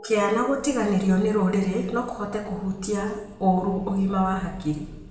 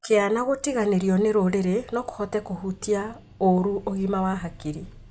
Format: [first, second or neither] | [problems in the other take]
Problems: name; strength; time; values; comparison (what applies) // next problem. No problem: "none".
second | room echo; dies away in 0.9 s